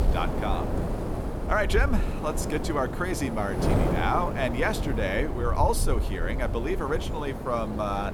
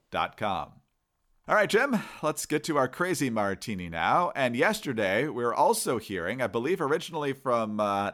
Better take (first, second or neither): second